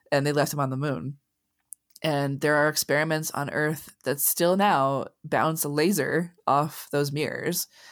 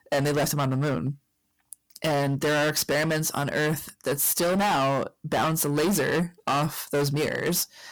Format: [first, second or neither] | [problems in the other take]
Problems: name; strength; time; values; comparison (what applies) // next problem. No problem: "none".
first | distortion; heavy; 23% of the sound clipped